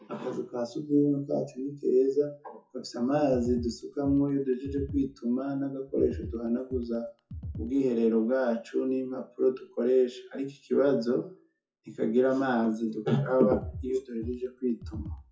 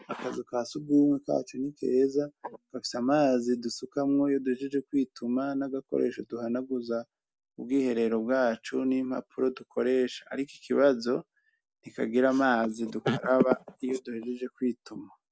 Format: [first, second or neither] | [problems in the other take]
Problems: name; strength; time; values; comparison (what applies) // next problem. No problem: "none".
second | noise reduction (classical method WPE with log-MMSE)